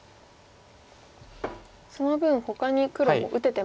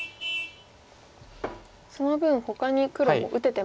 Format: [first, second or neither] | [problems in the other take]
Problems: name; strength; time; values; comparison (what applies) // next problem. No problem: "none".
first | background sound (Vehicle horn, car horn, honking); 14 dB below the speech